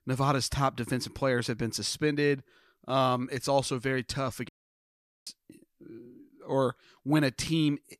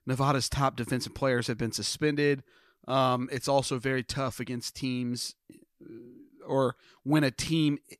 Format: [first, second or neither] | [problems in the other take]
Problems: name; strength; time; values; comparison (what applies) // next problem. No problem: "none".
second | audio cutting out; at 4.5 s for 1 s